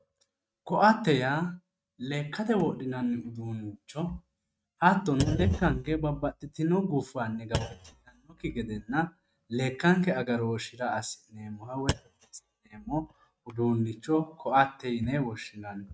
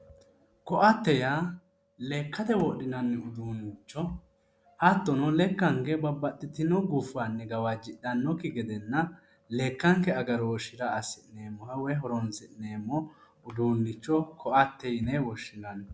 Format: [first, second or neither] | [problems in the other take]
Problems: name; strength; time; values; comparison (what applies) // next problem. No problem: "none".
second | noise reduction (neural mask model RNNoise)